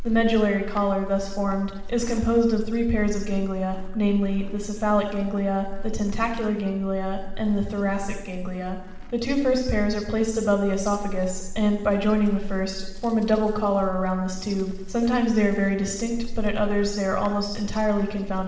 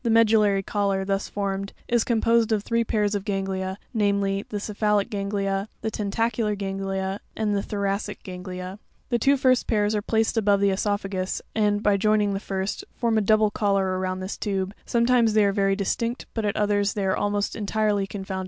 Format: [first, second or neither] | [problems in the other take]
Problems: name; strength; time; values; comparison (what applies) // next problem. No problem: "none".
second | background sound (Livestock, farm animals, working animals); 7 dB below the speech // room echo; dies away in 1 s